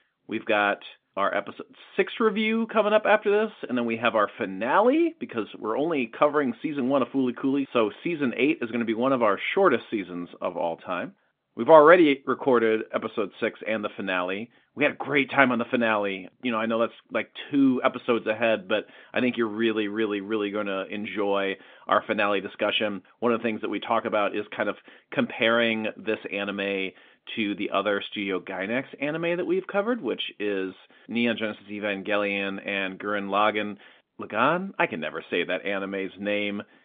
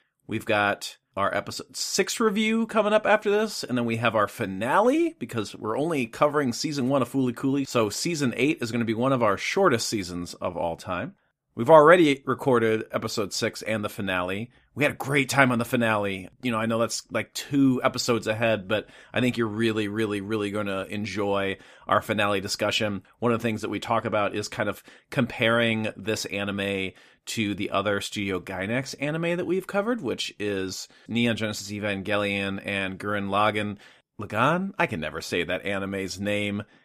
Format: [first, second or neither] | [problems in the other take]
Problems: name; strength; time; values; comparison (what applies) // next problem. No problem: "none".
second | phone-call audio; nothing above 3.5 kHz